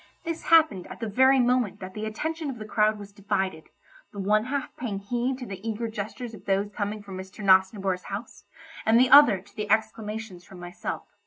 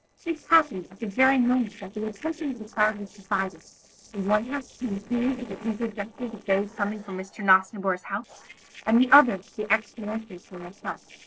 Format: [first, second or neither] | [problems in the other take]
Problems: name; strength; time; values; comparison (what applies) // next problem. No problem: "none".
first | noise reduction (neural separator model SepFormer DNS4)